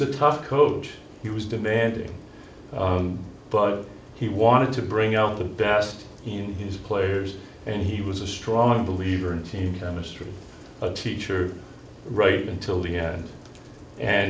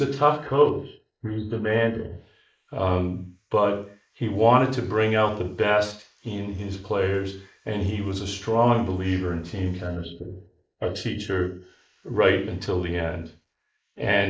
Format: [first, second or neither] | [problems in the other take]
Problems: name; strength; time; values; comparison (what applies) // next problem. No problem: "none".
first | noise reduction (neural mask model Resemble Enhance denoiser)